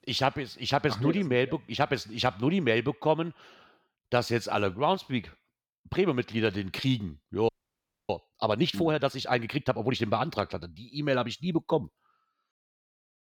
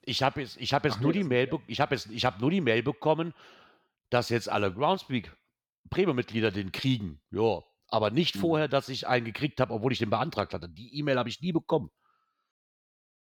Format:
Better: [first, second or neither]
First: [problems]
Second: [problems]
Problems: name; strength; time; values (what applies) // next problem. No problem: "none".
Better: second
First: audio freezing; at 7.5 s for 0.5 s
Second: none